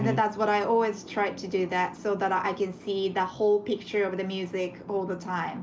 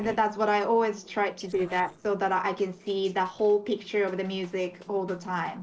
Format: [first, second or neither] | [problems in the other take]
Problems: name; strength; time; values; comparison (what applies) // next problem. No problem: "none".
first | noise reduction (neural separator model SepFormer DNS4)